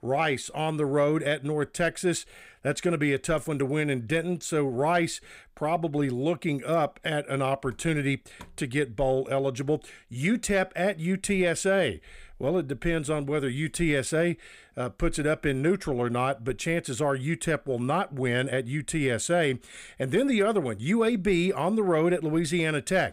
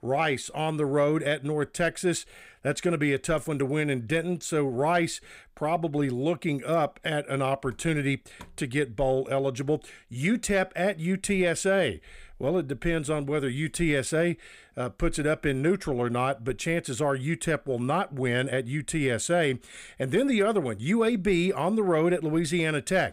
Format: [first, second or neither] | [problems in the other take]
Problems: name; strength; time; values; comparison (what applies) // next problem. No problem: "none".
neither | none